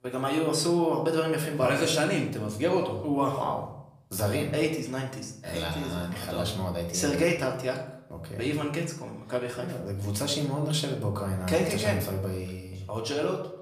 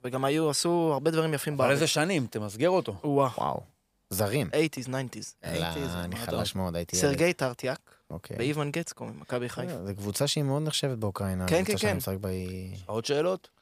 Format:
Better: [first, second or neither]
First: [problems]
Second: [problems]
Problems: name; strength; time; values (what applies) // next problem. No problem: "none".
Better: second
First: room echo; slight; dies away in 0.6 s // off-mic speech; somewhat distant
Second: none